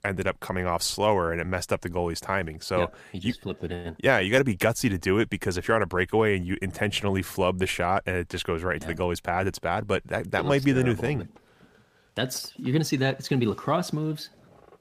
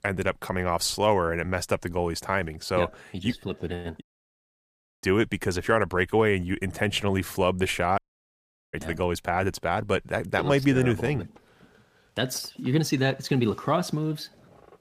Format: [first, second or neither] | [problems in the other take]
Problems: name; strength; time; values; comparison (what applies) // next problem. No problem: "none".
first | audio cutting out; at 4 s for 1 s and at 8 s for 1 s